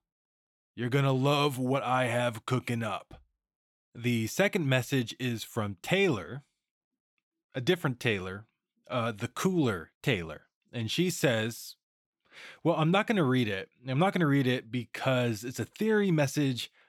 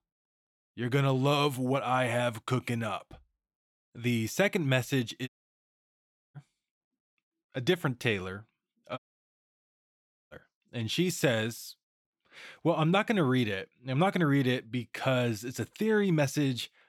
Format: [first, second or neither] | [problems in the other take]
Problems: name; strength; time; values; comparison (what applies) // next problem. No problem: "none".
first | audio cutting out; at 5.5 s for 1 s and at 9 s for 1.5 s